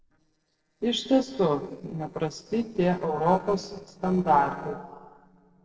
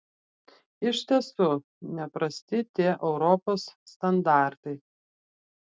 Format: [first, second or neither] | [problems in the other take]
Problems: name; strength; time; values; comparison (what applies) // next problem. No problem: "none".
second | noise reduction (neural separator model SepFormer DNS4)